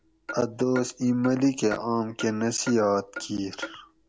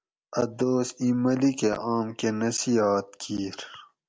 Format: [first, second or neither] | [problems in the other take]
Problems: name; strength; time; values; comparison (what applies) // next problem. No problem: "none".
second | background sound (Clock); 15 dB below the speech